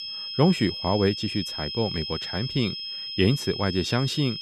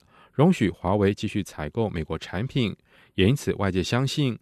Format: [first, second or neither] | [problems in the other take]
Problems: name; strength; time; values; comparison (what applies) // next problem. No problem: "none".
second | high-pitched whine; loud; throughout; 5 kHz, 5 dB below the speech